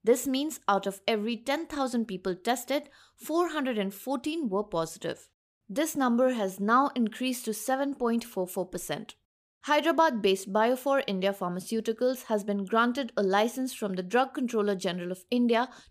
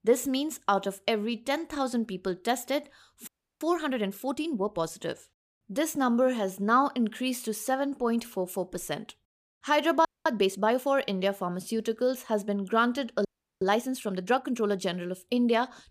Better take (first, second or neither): first